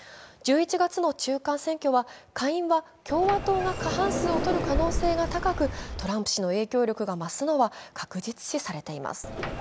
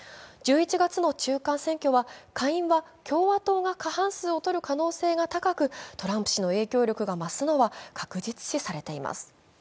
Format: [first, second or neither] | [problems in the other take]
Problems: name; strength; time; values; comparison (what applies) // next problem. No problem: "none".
second | background sound (Sliding door); 7 dB below the speech